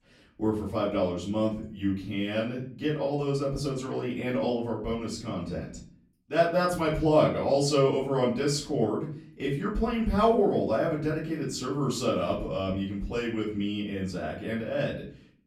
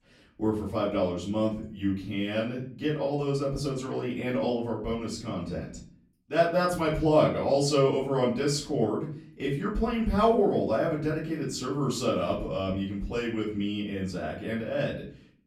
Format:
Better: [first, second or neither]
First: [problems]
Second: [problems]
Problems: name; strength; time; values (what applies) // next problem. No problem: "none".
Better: neither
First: room echo; slight; dies away in 0.4 s // off-mic speech; far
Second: room echo; slight; dies away in 0.4 s // off-mic speech; far